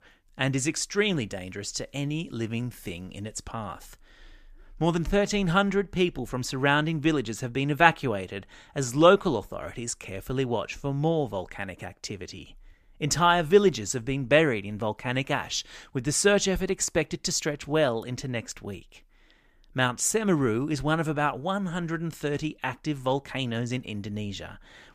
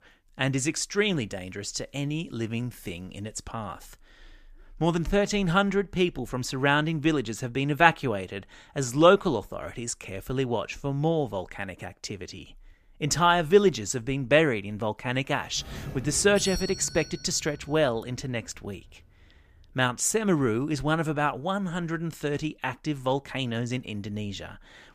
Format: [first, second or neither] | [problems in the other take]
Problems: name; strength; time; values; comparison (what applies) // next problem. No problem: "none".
first | doorbell; noticeable; from 16 to 20 s; peak 7 dB below the speech